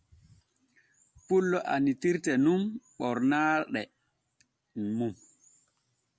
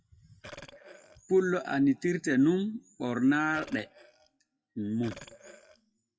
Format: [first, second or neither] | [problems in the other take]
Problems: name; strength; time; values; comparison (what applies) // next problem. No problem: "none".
first | noise reduction (classical method WPE with log-MMSE)